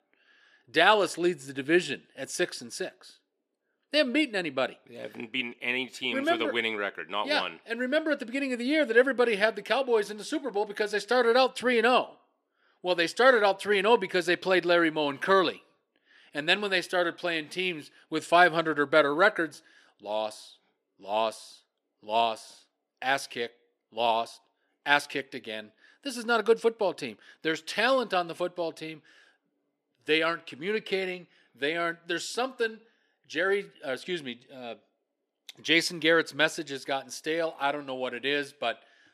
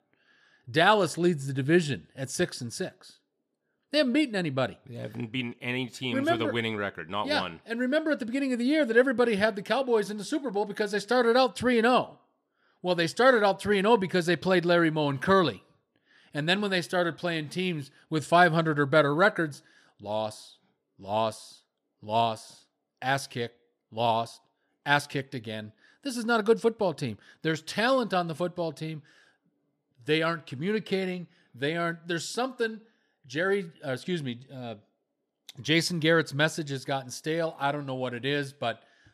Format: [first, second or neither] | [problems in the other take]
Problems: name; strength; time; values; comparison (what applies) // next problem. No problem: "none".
second | thin; very slightly; fading below 350 Hz